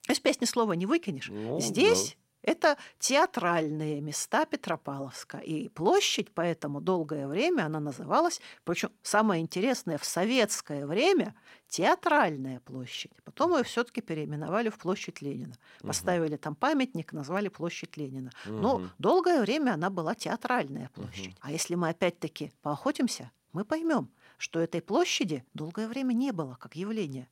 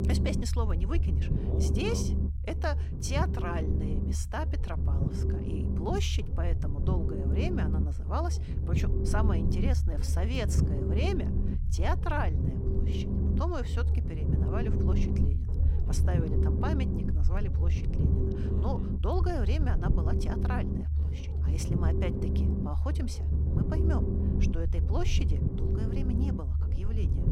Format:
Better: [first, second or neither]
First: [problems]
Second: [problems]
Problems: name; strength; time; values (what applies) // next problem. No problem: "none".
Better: first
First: none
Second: low rumble; loud; throughout; 3 dB below the speech